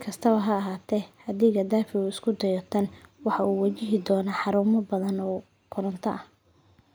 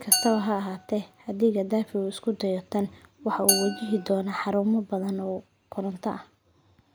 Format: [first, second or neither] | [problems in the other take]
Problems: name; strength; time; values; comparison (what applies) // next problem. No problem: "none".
first | background sound (Glass); 5 dB below the speech